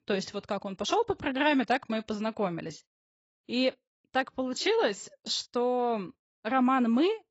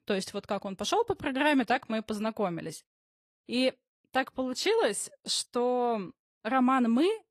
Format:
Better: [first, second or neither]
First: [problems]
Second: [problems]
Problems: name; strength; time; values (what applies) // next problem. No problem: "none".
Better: second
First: garbled, watery; badly; nothing above 7.5 kHz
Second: garbled, watery; slightly